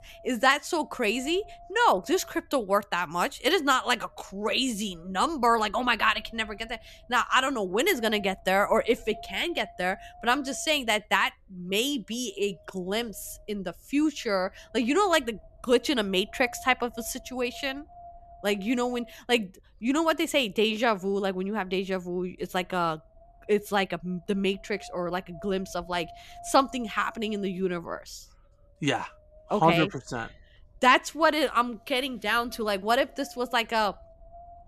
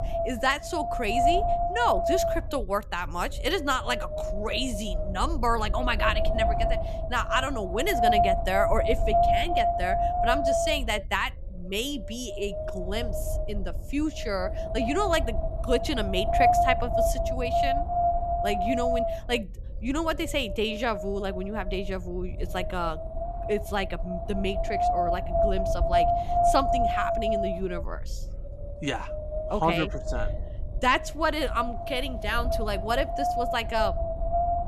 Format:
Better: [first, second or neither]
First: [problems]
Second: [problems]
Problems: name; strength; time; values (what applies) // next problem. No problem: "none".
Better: first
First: wind noise on the microphone; occasional gusts; 25 dB below the speech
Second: wind noise on the microphone; heavy; 2 dB above the speech